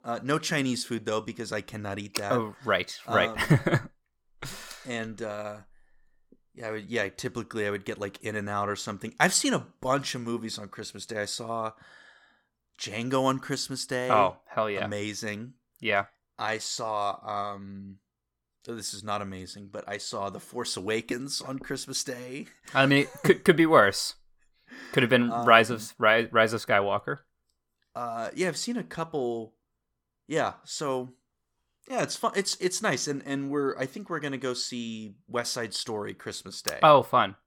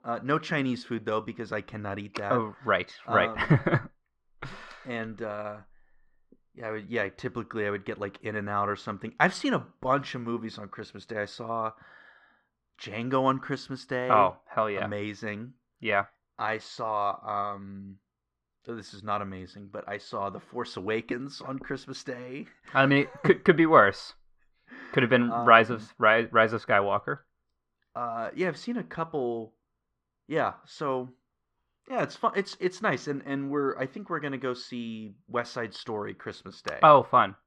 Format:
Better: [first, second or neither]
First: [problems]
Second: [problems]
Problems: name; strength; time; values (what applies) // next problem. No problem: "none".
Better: first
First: none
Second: muffled; slightly; fading above 3 kHz